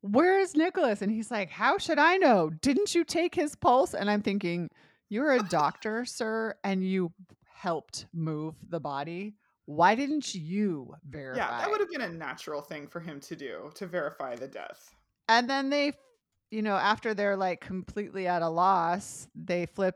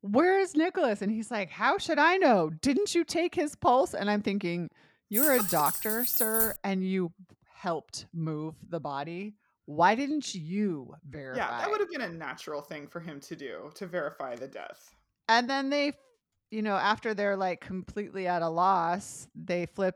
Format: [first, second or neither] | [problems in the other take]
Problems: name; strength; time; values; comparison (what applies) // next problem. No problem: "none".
first | jangling keys; loud; from 5 to 6.5 s; peak 5 dB above the speech